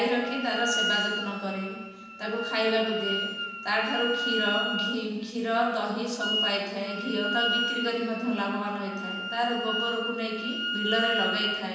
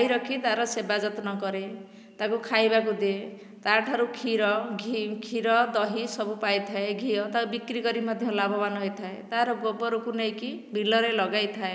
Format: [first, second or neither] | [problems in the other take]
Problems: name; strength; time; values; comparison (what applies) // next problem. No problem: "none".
second | background sound (Wind instrument, woodwind instrument); 3 dB below the speech // room echo; dies away in 1.1 s